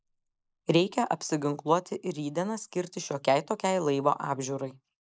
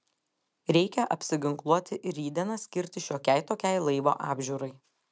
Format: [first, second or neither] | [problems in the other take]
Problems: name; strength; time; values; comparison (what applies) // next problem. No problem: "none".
second | noise reduction (neural mask model Resemble Enhance denoiser)